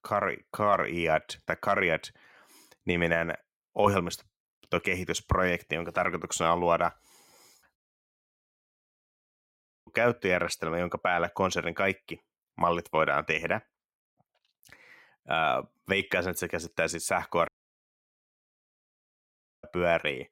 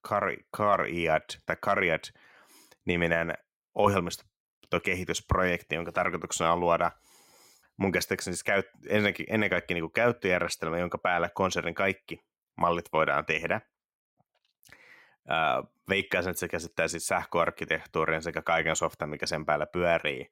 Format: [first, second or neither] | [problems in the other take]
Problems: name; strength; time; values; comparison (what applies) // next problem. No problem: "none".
second | audio cutting out; at 8 s for 2 s and at 17 s for 2 s